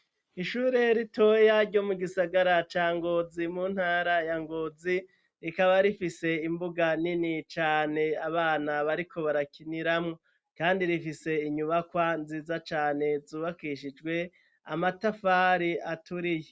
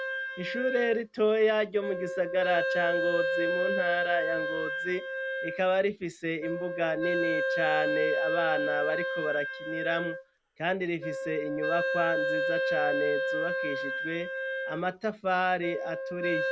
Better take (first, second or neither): first